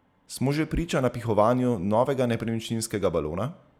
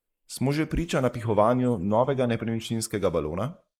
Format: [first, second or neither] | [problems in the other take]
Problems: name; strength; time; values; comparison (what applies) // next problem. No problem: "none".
first | noise reduction (neural mask model Resemble Enhance denoiser)